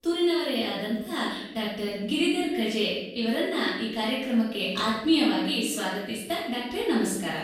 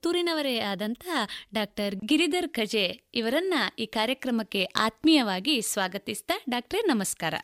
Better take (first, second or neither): second